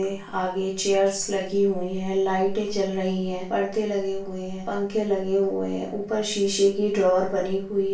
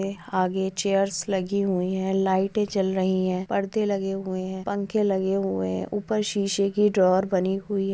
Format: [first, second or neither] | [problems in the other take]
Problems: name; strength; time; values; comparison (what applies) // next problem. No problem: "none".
second | room echo; dies away in 0.3 s